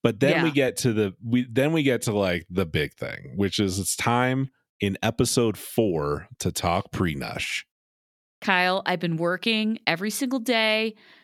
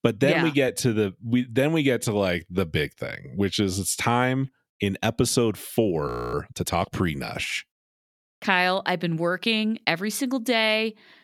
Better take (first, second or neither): first